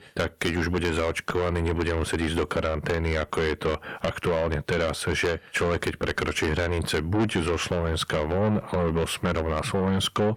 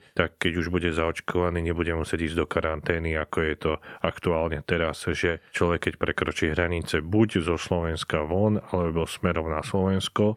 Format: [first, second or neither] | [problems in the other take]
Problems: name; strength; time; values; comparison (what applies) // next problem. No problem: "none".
second | distortion; heavy; 6 dB below the speech